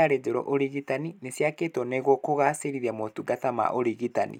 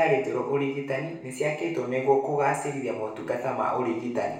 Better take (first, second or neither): first